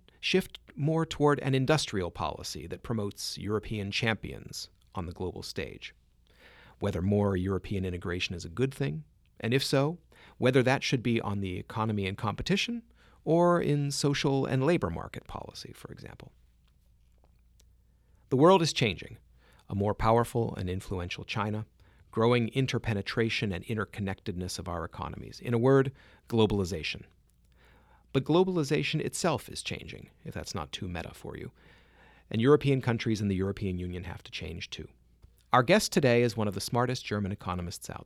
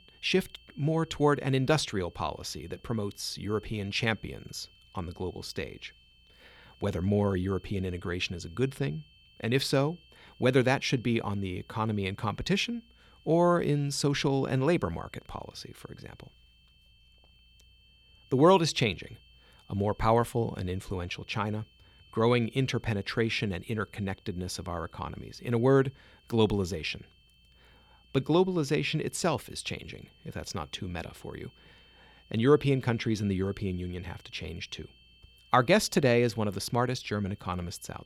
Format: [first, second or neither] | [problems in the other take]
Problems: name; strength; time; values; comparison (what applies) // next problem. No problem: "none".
first | high-pitched whine; faint; throughout; 3 kHz, 30 dB below the speech